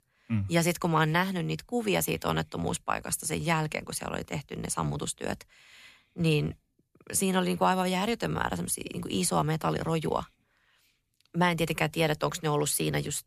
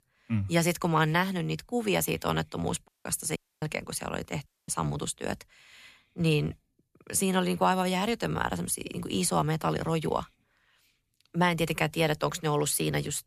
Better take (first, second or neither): first